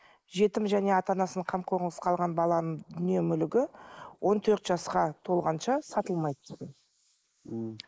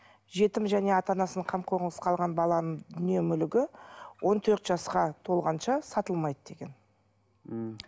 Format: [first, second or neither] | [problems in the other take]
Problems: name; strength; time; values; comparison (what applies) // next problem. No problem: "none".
second | noise reduction (neural mask model Resemble Enhance denoiser)